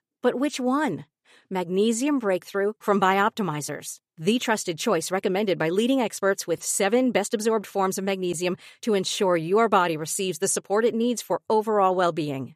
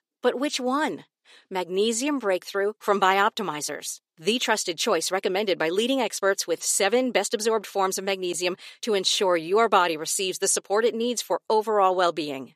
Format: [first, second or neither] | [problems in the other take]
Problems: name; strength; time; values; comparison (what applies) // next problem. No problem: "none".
first | thin; very slightly; fading below 300 Hz